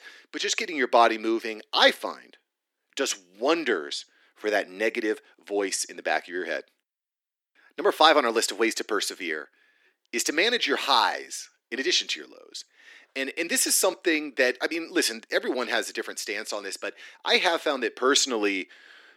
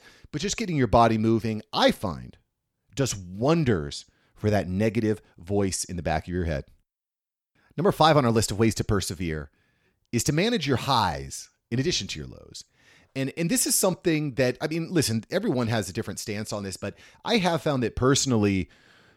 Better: second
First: thin; somewhat; fading below 300 Hz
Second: none

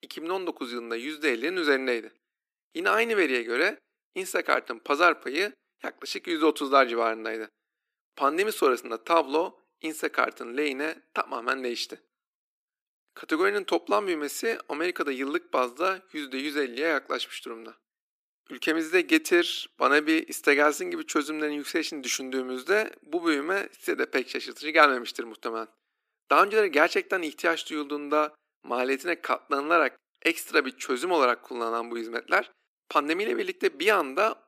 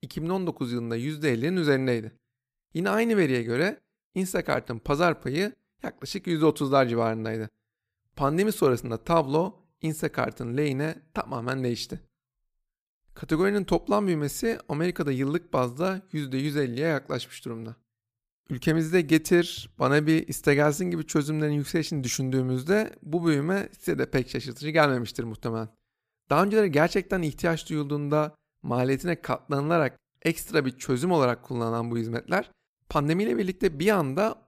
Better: second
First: thin; somewhat; fading below 300 Hz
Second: none

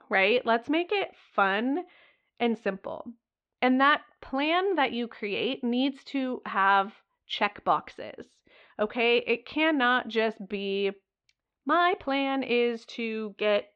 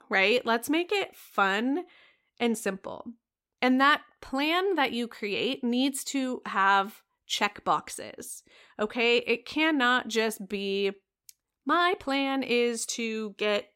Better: second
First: muffled; slightly; fading above 3.5 kHz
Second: none

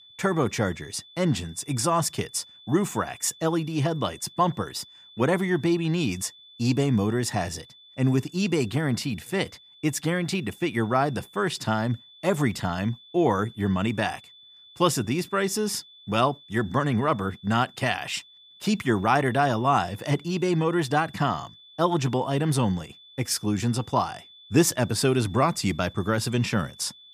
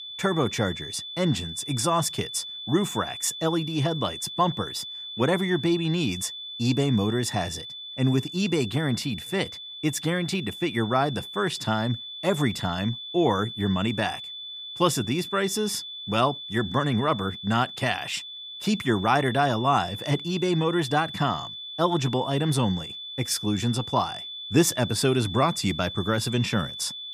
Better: first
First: high-pitched whine; faint; throughout; 3.5 kHz, 25 dB below the speech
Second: high-pitched whine; loud; throughout; 3.5 kHz, 9 dB below the speech

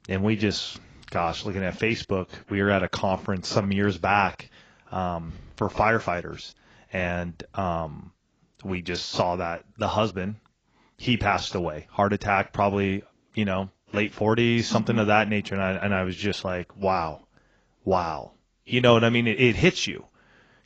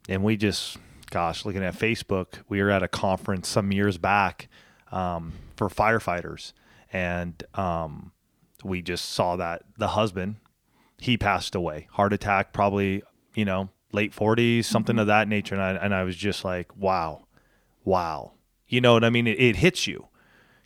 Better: second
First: garbled, watery; badly; nothing above 7.5 kHz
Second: none

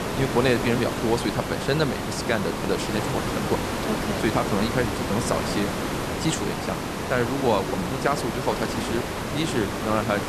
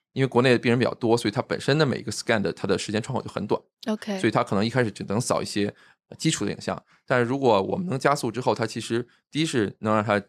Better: second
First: hiss; loud; throughout; 1 dB below the speech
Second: none

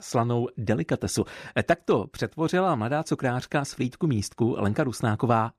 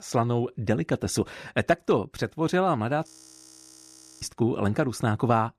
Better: first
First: none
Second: audio freezing; at 3 s for 1 s

